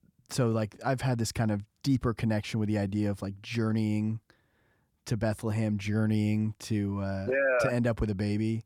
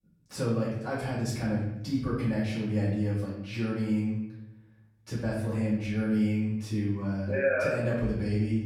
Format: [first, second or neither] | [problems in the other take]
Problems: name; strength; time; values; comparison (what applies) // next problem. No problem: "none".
first | room echo; noticeable; dies away in 0.9 s // off-mic speech; far